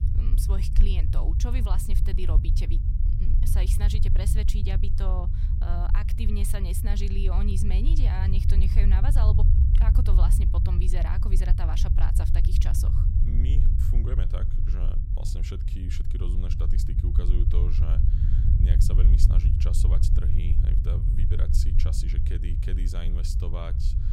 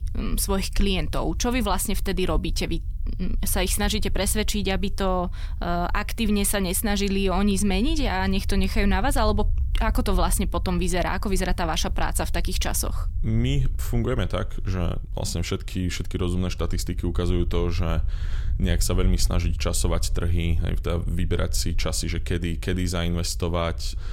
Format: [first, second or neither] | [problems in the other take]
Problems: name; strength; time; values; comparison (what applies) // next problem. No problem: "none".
second | low rumble; loud; throughout; 2 dB below the speech; faint in the second